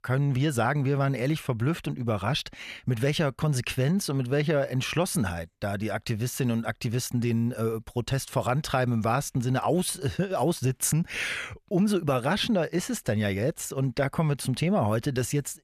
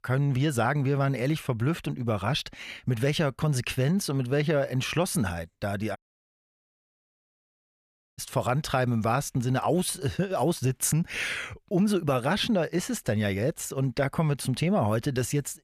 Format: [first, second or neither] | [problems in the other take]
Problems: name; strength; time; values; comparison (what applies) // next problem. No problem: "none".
first | audio cutting out; at 6 s for 2 s